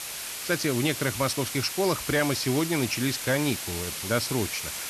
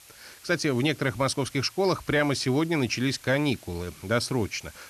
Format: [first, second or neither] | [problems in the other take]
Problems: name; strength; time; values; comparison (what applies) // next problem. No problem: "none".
second | hiss; loud; throughout; 5 dB below the speech; faint in the second